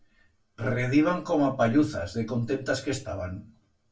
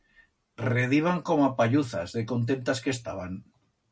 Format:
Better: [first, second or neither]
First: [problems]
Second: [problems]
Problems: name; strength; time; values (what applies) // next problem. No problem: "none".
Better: second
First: room echo; dies away in 0.2 s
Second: none